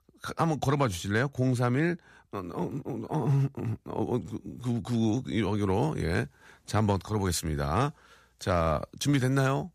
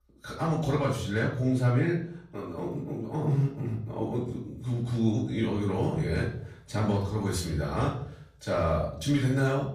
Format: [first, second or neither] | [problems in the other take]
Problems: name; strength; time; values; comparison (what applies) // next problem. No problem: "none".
first | room echo; slight; dies away in 0.5 s // off-mic speech; far